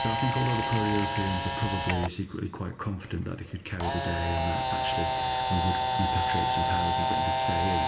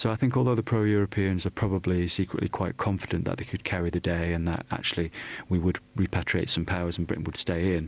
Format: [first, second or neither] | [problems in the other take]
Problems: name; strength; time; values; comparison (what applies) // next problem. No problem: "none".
second | background sound (Camera); 2 dB above the speech // room echo; dies away in 1.7 s